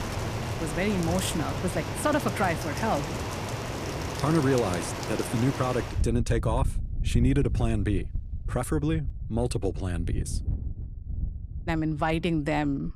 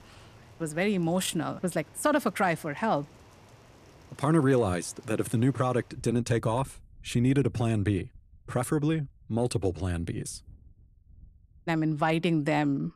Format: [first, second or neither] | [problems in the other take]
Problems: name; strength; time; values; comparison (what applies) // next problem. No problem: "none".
second | rain or running water; loud; throughout; 5 dB below the speech; faint in the second